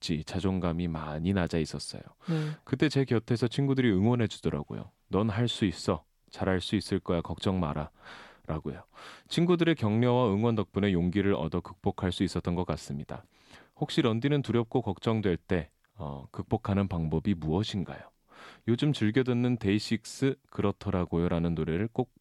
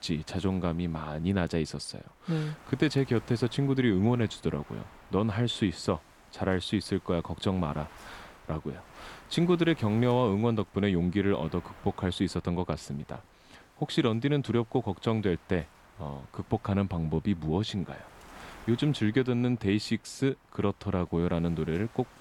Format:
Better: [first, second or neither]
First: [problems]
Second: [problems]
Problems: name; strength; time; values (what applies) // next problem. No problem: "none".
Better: first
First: none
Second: wind noise on the microphone; occasional gusts; 20 dB below the speech